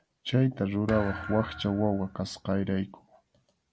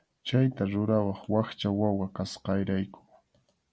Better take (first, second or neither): second